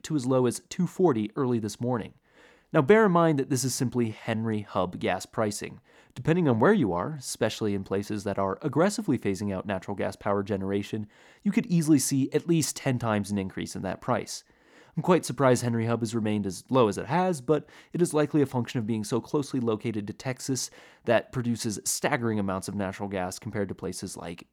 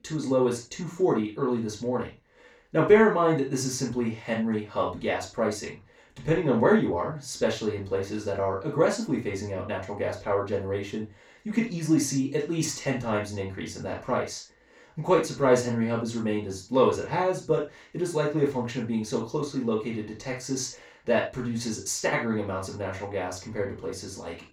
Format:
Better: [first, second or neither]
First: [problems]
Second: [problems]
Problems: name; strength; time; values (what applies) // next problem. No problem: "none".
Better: first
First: none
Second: room echo; noticeable; dies away in 0.2 s // off-mic speech; far